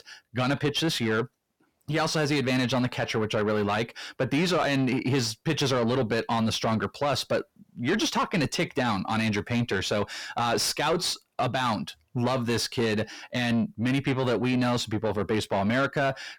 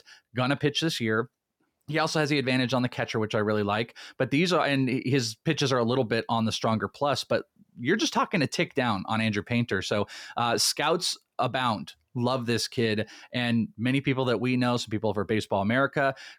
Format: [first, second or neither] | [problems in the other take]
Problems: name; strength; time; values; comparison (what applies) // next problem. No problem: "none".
second | distortion; slight; 10 dB below the speech